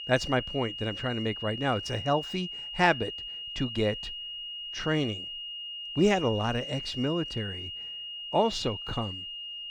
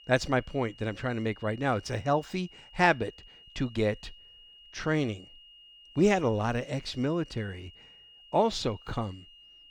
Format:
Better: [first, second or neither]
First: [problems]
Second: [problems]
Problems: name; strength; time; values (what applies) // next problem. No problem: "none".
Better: second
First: high-pitched whine; loud; throughout; 3 kHz, 6 dB below the speech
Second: high-pitched whine; faint; throughout; 3 kHz, 20 dB below the speech